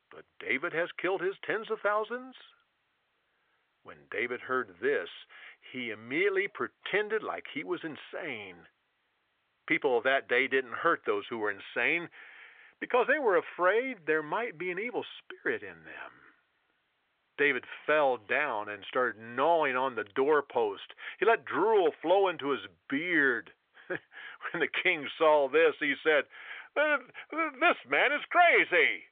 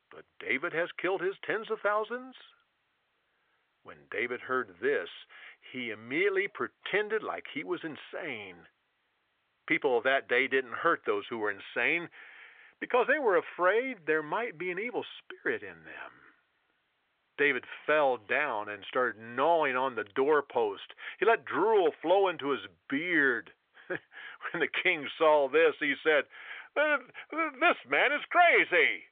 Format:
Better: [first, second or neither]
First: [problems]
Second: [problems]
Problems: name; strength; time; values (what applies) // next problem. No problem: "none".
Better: neither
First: phone-call audio; nothing above 3 kHz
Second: phone-call audio; nothing above 3 kHz